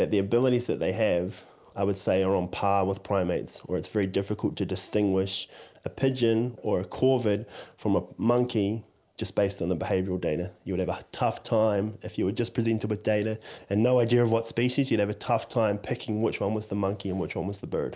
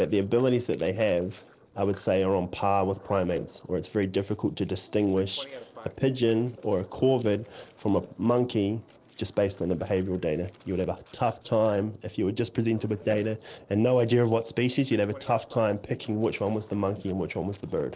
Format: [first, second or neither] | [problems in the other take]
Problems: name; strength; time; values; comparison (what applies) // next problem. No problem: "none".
first | noise reduction (neural separator model SepFormer DNS4)